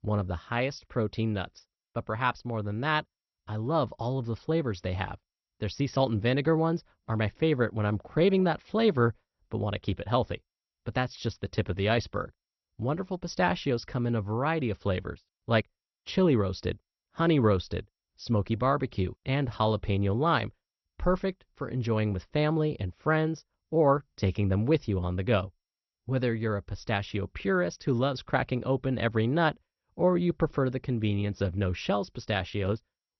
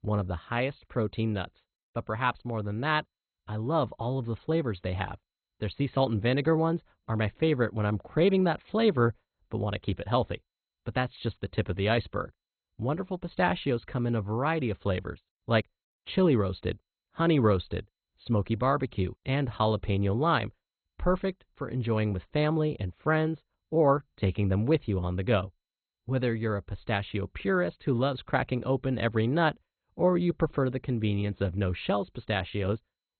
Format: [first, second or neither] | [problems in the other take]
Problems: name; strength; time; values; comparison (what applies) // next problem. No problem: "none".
first | garbled, watery; badly; nothing above 4 kHz; slightly in the first